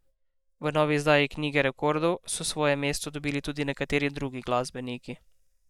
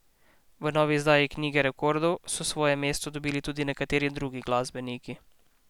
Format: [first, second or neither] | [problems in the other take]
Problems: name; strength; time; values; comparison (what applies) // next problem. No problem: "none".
second | noise reduction (neural mask model DeepFilterNet 3)